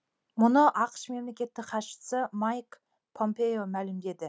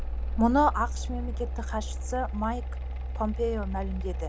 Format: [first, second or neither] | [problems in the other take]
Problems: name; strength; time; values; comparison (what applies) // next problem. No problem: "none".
first | background sound (Mechanical fan); 2 dB below the speech